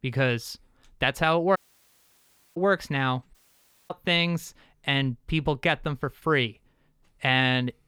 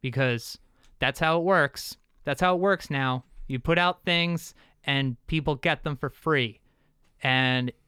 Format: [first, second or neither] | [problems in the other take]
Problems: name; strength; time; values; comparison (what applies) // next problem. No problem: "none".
second | audio cutting out; at 1.5 s for 1 s and at 3.5 s for 0.5 s